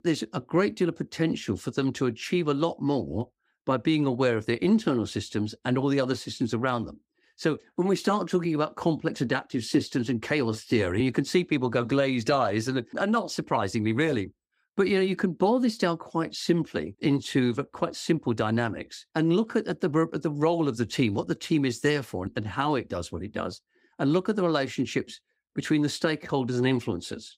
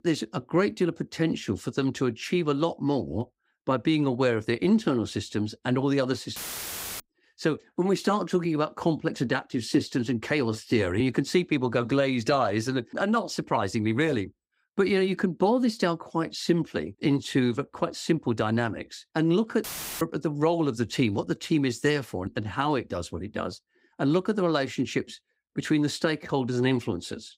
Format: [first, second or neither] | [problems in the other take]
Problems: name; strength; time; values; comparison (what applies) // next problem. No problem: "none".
first | audio cutting out; filled with static; at 6.5 s for 0.5 s and at 20 s